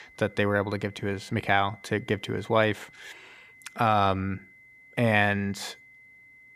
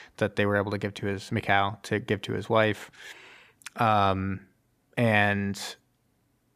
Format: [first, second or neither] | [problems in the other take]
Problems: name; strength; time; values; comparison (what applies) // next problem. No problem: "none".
second | high-pitched whine; faint; throughout; 2 kHz, 25 dB below the speech